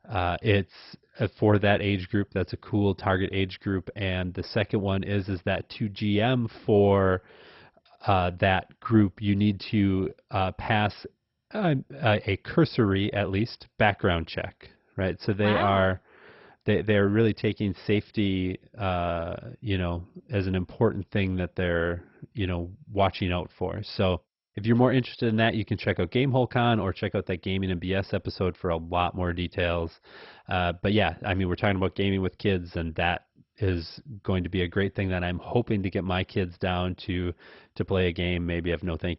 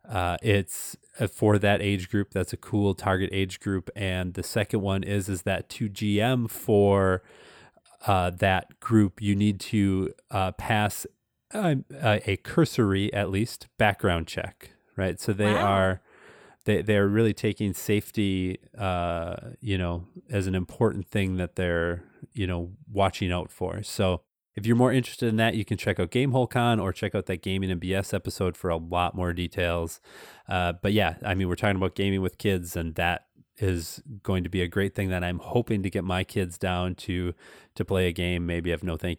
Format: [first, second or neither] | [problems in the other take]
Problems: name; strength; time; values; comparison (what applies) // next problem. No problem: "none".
second | garbled, watery; badly; nothing above 5.5 kHz